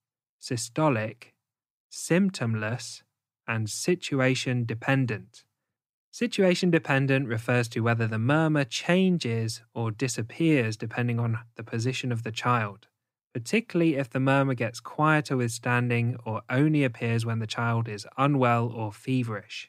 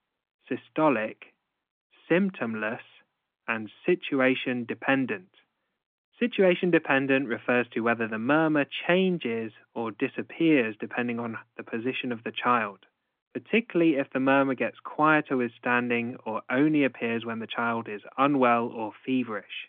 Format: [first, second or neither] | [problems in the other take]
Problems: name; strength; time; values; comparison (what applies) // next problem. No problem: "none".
first | phone-call audio; nothing above 3.5 kHz